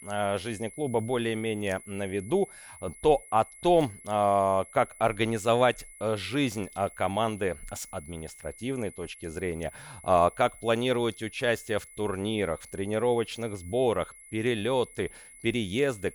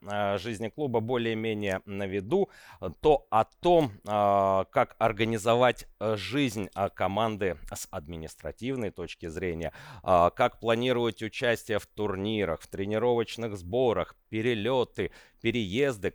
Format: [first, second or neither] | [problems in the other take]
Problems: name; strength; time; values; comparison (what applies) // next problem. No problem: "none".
second | high-pitched whine; noticeable; throughout; 11 kHz, 20 dB below the speech